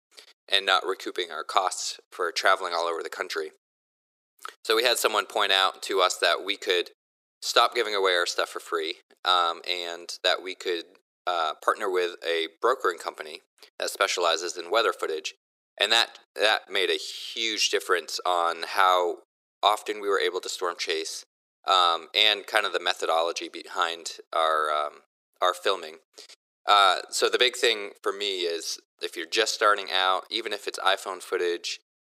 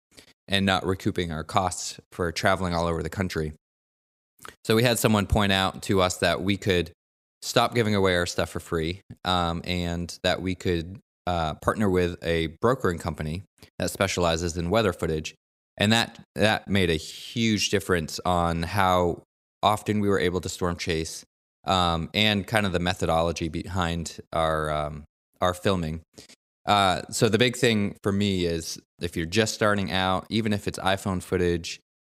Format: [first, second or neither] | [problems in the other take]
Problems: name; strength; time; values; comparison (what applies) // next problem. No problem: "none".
second | thin; very; fading below 350 Hz